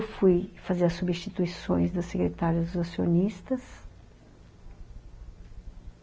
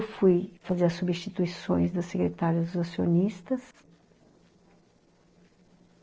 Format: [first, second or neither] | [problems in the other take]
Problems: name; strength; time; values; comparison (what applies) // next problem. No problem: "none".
first | noise reduction (neural separator model SepFormer DNS4)